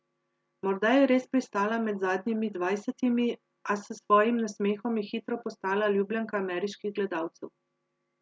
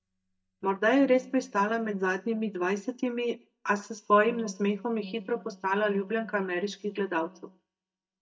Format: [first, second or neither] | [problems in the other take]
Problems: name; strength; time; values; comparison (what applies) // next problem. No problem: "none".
first | noise reduction (neural mask model DeepFilterNet 3)